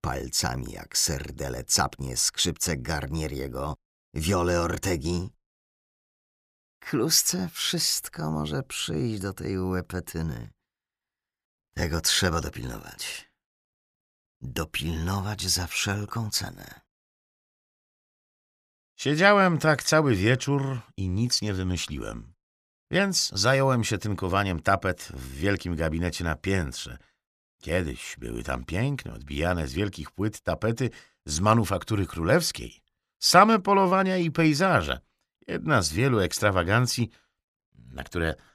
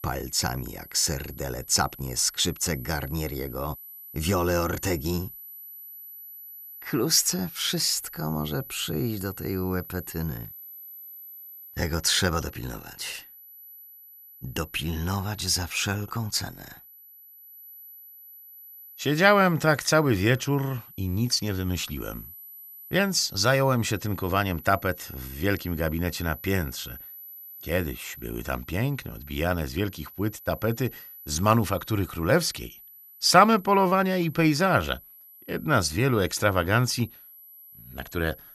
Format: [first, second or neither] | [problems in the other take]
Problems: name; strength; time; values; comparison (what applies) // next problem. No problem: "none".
first | high-pitched whine; noticeable; throughout; 12 kHz, 15 dB below the speech